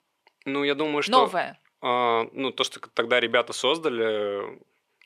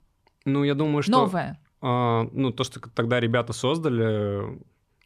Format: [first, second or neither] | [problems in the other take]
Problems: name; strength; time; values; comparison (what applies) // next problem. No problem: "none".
second | thin; somewhat; fading below 450 Hz